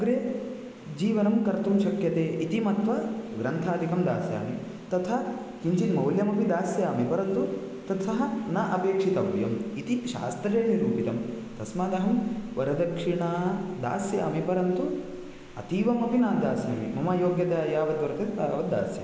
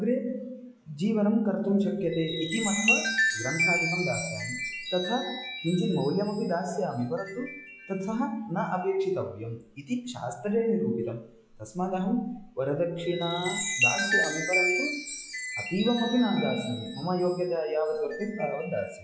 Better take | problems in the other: first | noise reduction (classical method log-MMSE)

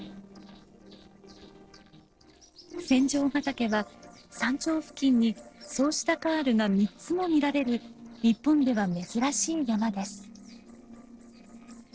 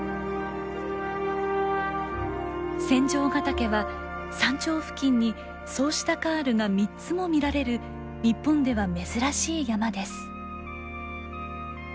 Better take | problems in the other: second | noise reduction (neural separator model SepFormer DNS4)

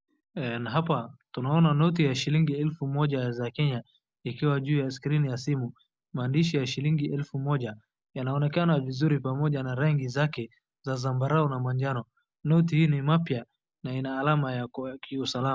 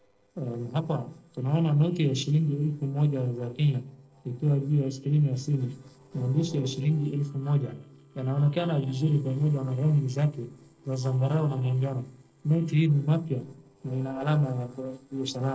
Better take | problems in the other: first | noise reduction (neural separator model SepFormer DNS4)

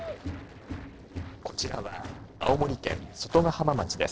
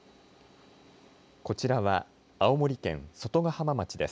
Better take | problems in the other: second | noise reduction (neural separator model SepFormer DNS4)

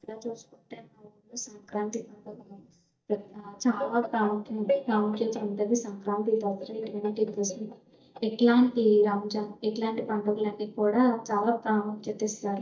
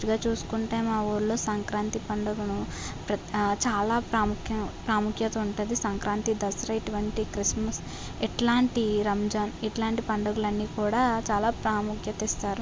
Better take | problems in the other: second | noise reduction (neural mask model DeepFilterNet 3)

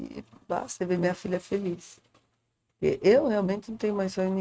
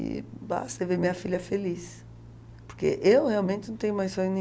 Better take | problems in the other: second | noise reduction (neural mask model RNNoise)

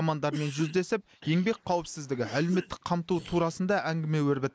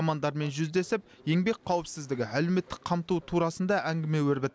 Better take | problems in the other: second | noise reduction (neural mask model Resemble Enhance denoiser)

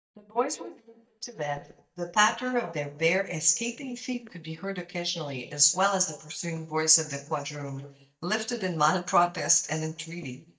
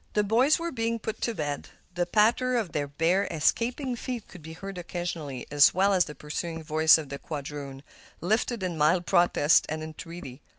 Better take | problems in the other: second | noise reduction (neural mask model DeepFilterNet 3)

